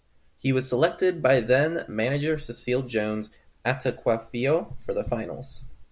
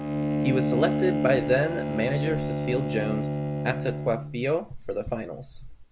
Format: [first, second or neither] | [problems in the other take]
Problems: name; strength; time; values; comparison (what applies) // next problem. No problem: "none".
first | background sound (Bowed string instrument); 1 dB below the speech